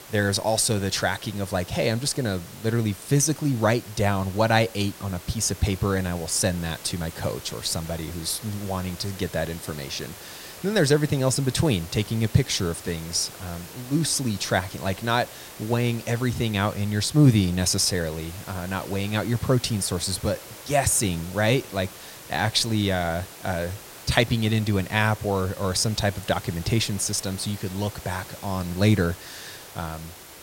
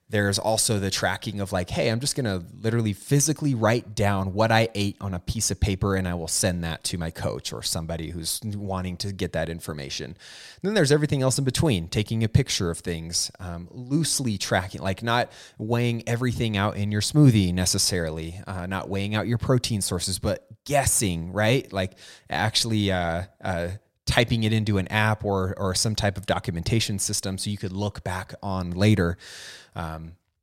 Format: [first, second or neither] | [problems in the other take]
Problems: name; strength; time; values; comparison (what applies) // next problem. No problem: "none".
second | hiss; noticeable; throughout; 15 dB below the speech